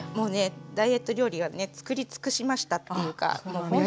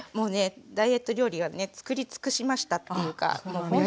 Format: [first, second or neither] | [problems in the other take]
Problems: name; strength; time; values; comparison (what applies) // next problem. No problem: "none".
second | background sound (Acoustic guitar / Strum); 19 dB below the speech